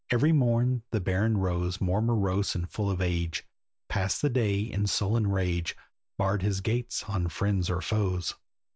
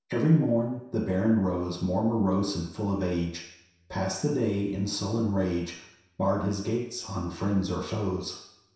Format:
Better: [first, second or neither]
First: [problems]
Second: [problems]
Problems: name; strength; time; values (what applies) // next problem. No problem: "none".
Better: first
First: none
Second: room echo; dies away in 0.7 s